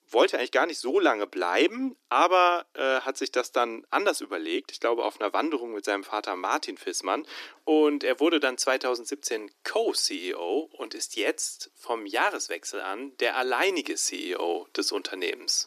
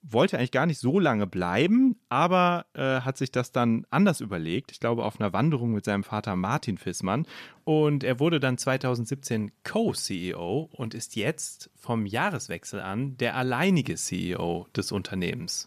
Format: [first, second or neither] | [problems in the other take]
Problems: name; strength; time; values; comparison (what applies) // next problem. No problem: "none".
second | thin; somewhat; fading below 300 Hz